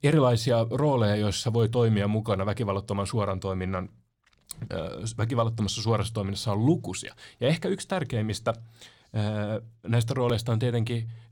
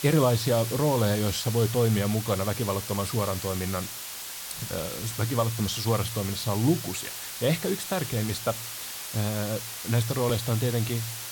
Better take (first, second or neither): first